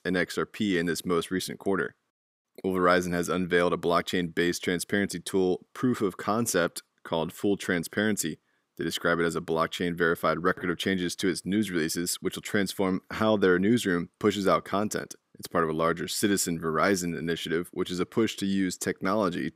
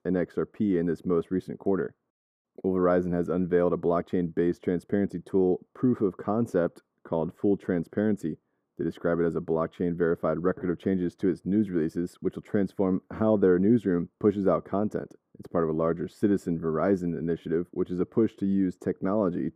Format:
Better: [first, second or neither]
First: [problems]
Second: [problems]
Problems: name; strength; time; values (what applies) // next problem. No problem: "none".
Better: first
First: none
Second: muffled; very; fading above 1.5 kHz